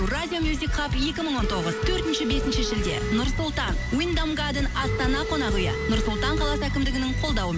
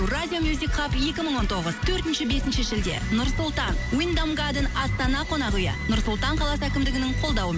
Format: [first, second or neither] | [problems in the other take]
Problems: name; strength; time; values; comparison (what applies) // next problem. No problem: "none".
second | background sound (Telephone); 7 dB below the speech